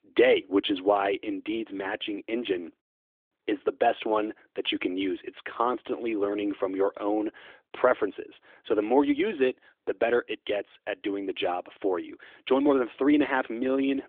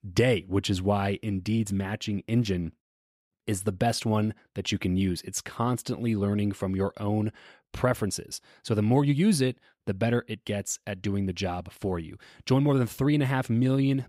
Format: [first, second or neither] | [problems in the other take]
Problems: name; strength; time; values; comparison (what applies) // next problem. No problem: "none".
second | phone-call audio; nothing above 3.5 kHz